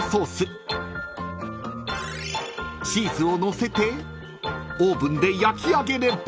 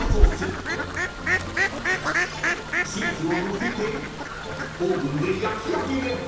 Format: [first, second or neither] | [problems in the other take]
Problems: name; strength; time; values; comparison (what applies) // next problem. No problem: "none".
first | background sound (Fowl); 2 dB above the speech // room echo; dies away in 0.9 s